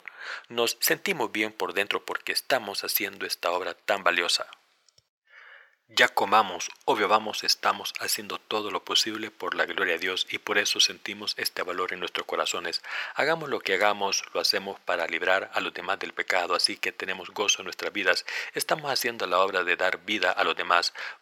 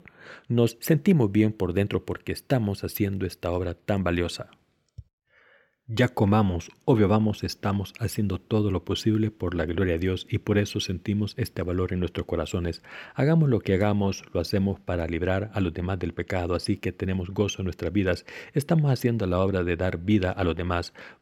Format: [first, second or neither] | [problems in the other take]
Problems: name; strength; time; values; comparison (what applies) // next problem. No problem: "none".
second | thin; very; fading below 950 Hz